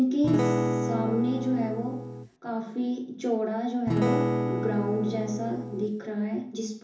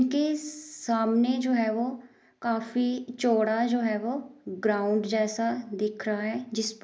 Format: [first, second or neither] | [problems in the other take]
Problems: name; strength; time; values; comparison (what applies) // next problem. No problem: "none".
second | background sound (Acoustic guitar / Strum); 1 dB above the speech // room echo; dies away in 0.7 s